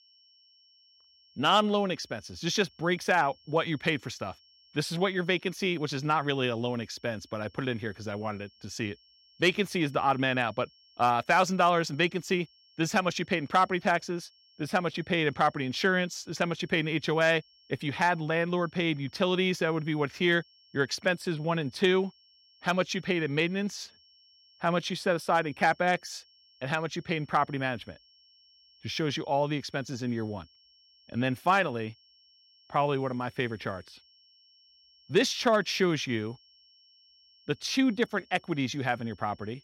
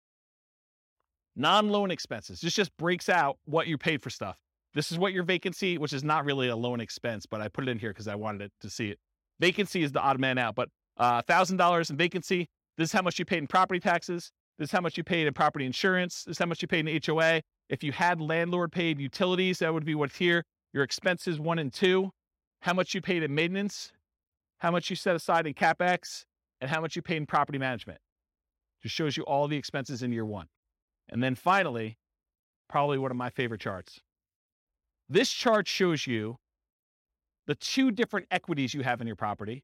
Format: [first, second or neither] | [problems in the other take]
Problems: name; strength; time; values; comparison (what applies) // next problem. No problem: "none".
second | high-pitched whine; faint; throughout; 5.5 kHz, 30 dB below the speech